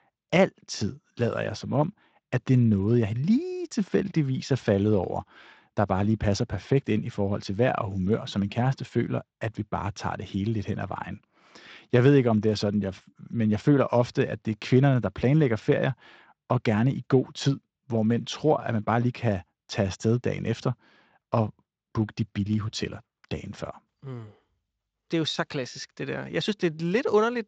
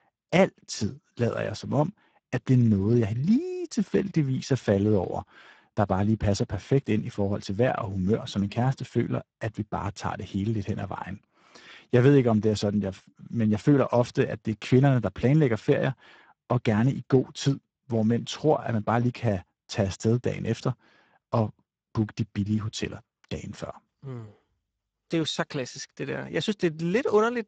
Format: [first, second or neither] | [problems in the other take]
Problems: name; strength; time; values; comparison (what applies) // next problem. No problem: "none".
first | garbled, watery; badly; nothing above 7.5 kHz; slightly in the first